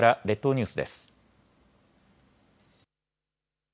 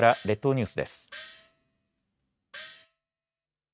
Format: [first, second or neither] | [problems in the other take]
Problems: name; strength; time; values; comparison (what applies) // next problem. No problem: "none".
first | noise reduction (neural mask model RNNoise)